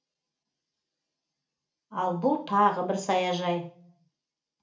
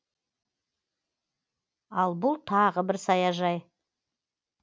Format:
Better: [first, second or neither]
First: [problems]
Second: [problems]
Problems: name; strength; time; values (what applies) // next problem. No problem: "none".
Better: second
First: room echo; dies away in 0.4 s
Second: none